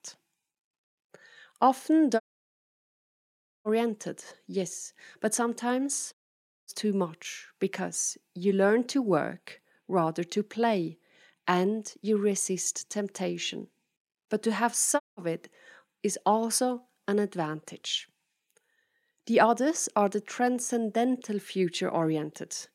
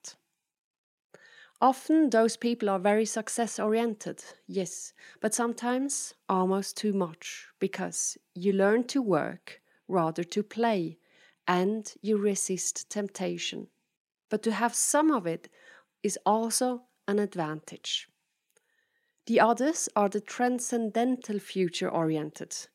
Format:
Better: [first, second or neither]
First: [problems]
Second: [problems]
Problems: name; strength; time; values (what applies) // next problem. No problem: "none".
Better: second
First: audio cutting out; at 2 s for 1.5 s, at 6 s for 0.5 s and at 15 s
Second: none